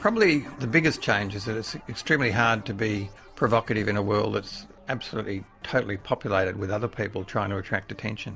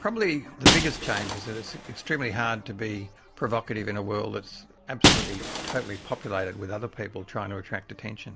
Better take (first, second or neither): first